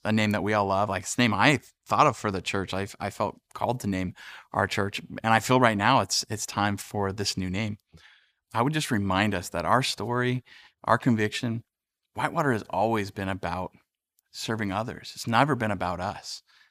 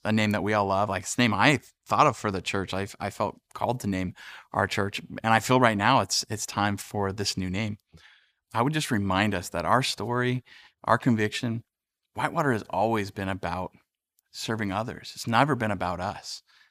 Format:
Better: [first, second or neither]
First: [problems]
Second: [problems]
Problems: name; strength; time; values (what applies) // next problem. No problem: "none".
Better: neither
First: none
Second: none